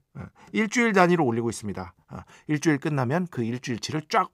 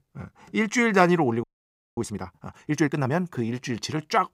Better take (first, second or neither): first